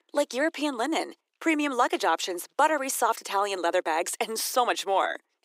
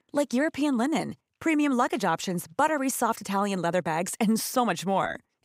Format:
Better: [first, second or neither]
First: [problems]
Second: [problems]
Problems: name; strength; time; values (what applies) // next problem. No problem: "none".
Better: second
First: thin; somewhat; fading below 350 Hz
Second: none